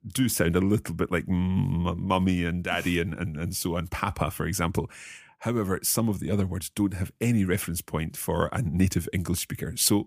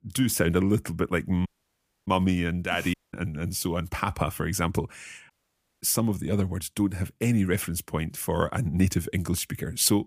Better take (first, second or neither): first